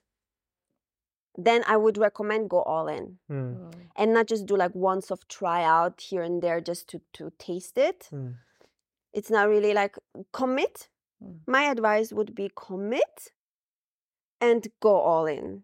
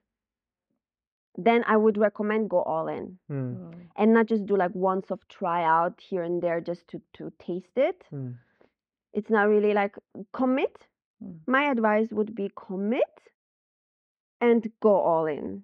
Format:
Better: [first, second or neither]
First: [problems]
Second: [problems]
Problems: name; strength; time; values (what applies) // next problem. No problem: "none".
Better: first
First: none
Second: muffled; very; fading above 3 kHz